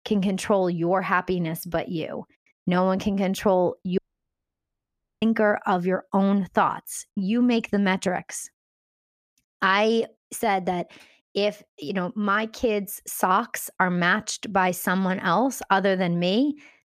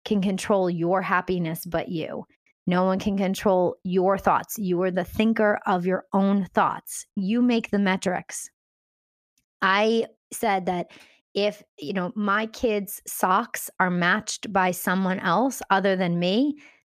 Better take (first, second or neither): second